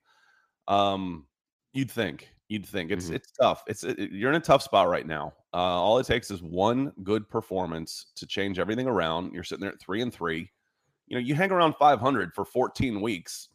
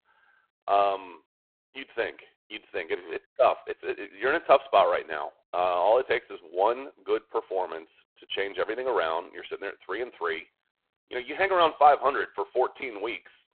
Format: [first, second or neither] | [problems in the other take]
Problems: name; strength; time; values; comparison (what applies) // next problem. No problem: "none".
first | phone-call audio; poor line